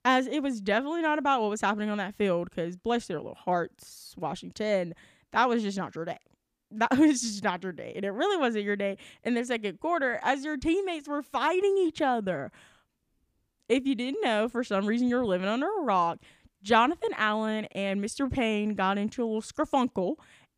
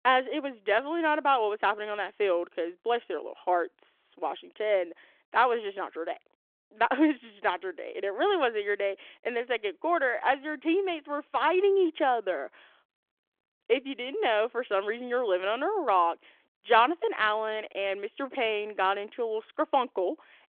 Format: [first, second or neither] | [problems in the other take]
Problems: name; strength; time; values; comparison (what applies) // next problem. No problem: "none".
first | phone-call audio